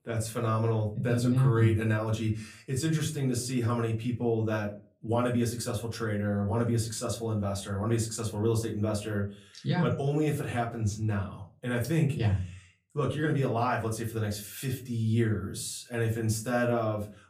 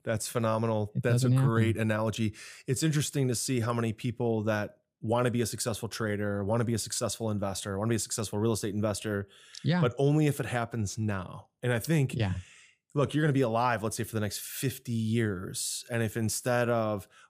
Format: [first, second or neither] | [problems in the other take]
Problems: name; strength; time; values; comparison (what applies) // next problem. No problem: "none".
second | off-mic speech; far // room echo; very slight; dies away in 0.3 s